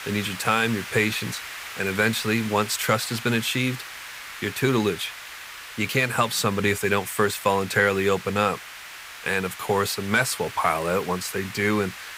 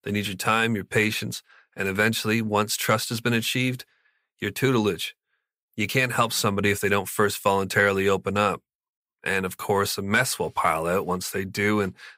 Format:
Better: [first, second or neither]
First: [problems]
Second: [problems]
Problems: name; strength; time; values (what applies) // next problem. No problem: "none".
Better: second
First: hiss; noticeable; throughout; 10 dB below the speech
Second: none